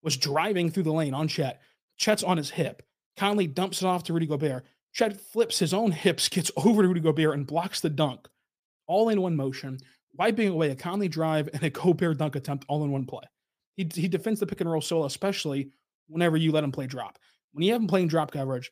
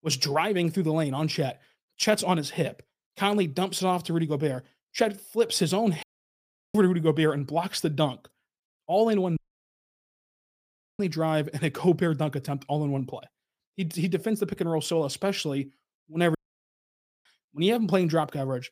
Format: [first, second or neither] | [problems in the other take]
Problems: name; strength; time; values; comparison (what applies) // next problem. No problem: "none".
first | audio cutting out; at 6 s for 0.5 s, at 9.5 s for 1.5 s and at 16 s for 1 s